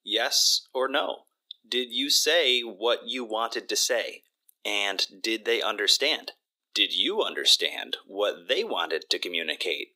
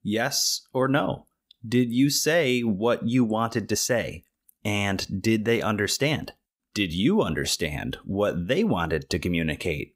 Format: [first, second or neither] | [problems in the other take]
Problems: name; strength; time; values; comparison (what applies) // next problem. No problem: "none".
second | thin; very; fading below 350 Hz